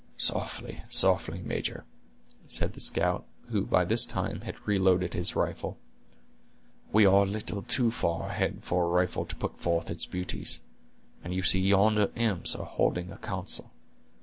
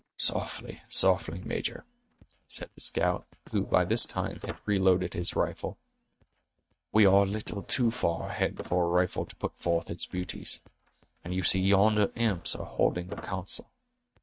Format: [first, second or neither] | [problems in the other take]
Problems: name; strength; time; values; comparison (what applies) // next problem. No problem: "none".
first | noise reduction (neural mask model RNNoise)